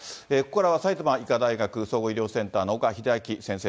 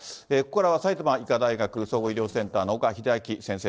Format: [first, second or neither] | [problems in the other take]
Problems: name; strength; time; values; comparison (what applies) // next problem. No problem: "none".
first | noise reduction (neural separator model SepFormer DNS4)